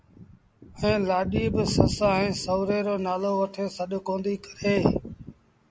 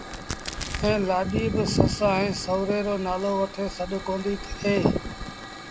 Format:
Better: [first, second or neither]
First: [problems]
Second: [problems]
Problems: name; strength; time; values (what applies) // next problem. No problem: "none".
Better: first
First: none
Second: background sound (Hiss / Fire + Crack); 11 dB below the speech